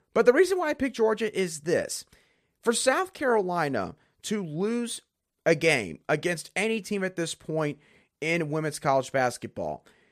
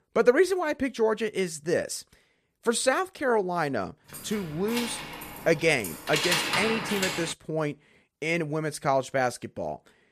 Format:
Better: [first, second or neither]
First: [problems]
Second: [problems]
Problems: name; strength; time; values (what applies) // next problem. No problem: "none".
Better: first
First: none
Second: jangling keys; loud; from 4 to 7.5 s; peak 3 dB above the speech